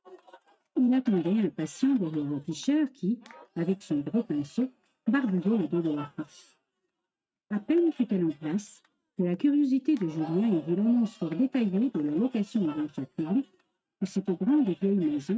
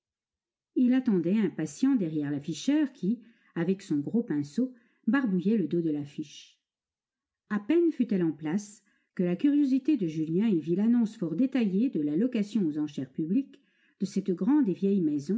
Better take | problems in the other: second | noise reduction (neural mask model RNNoise)

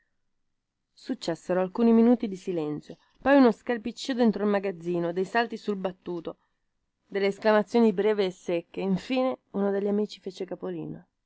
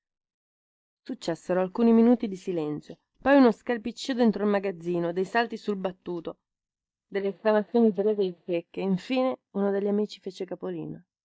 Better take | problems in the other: first | noise reduction (neural mask model DeepFilterNet 3)

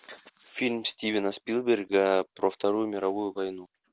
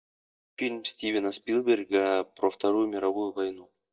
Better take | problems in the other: first | noise reduction (neural mask model DeepFilterNet 3)

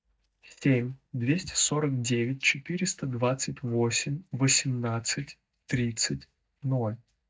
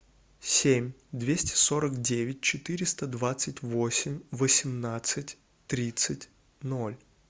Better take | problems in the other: second | noise reduction (neural mask model DeepFilterNet 3)

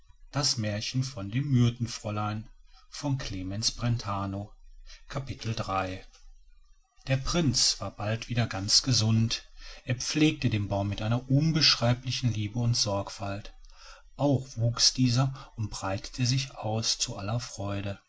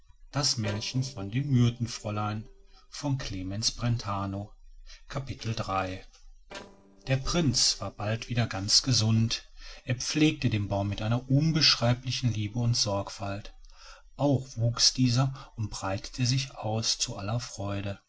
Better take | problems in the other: first | noise reduction (neural separator model SepFormer DNS4)

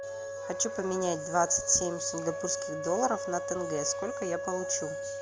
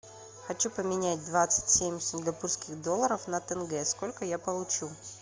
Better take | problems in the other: second | background sound (Wind instrument, woodwind instrument); 5 dB below the speech

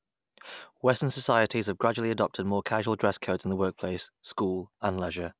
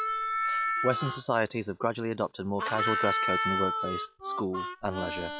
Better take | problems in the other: first | noise reduction (classical method log-MMSE)

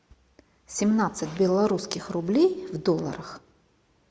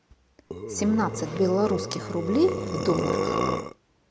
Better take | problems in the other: first | background sound (Burping, eructation); 2 dB below the speech

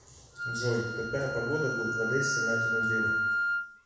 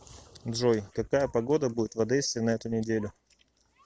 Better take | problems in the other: second | background sound (Wind instrument, woodwind instrument); 2 dB above the speech // room echo; dies away in 1 s

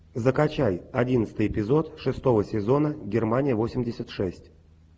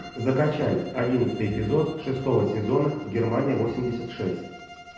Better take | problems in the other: first | background sound (Bowed string instrument); 19 dB below the speech // room echo; dies away in 0.9 s

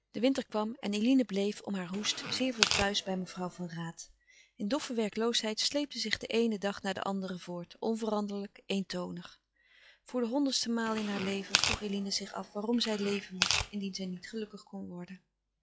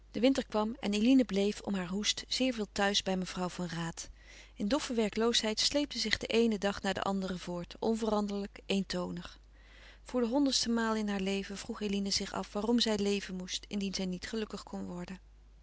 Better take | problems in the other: second | noise reduction (classical method log-MMSE)

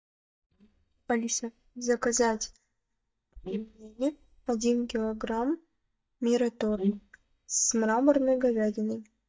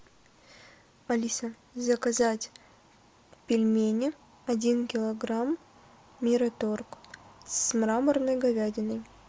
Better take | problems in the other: second | noise reduction (neural mask model DeepFilterNet 3)

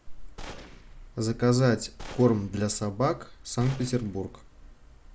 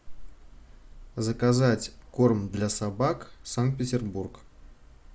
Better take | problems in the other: second | background sound (Gunshot, gunfire); 18 dB below the speech

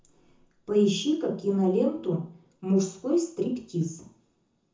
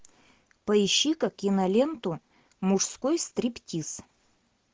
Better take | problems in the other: second | room echo; dies away in 0.5 s

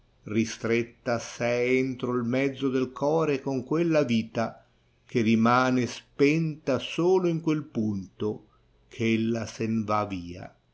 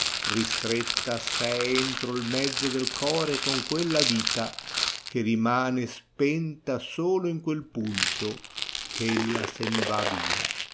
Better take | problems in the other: first | background sound (Rattle); 2 dB below the speech

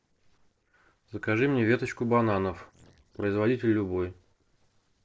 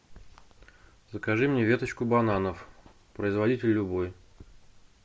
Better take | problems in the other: second | noise reduction (neural separator model SepFormer DNS4)

